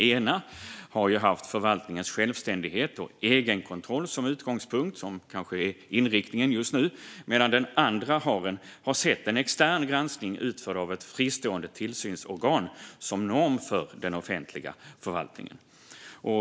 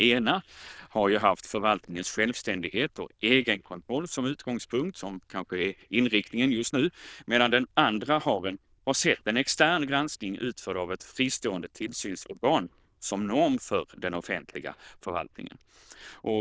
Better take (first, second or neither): first